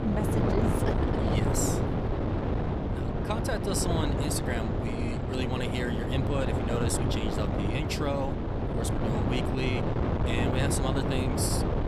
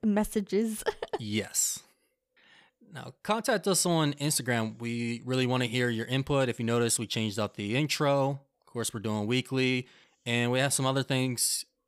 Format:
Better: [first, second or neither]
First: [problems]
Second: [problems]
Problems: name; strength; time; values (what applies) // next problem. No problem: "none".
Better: second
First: wind noise on the microphone; heavy; 1 dB above the speech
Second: none